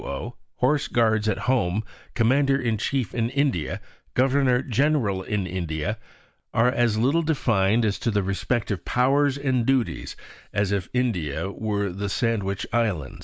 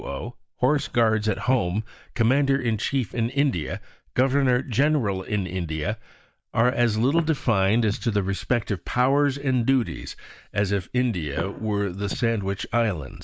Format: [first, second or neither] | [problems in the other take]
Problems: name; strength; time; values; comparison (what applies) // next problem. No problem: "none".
first | noise reduction (neural mask model DeepFilterNet 3)